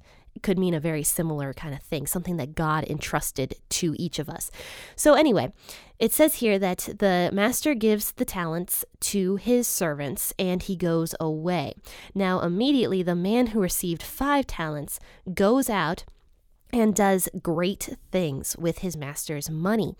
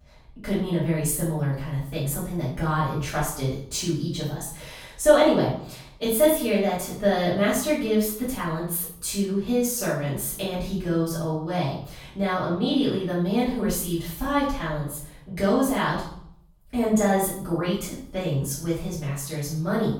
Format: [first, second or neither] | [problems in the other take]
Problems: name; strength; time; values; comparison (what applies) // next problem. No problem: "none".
first | off-mic speech; far // room echo; noticeable; dies away in 0.6 s